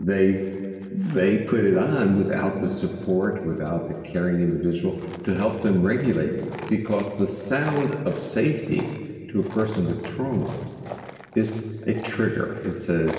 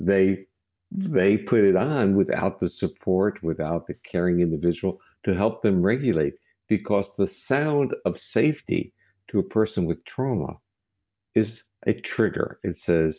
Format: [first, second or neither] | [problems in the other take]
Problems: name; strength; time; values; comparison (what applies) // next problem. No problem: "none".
second | background sound (Tools); 19 dB below the speech // room echo; dies away in 2.3 s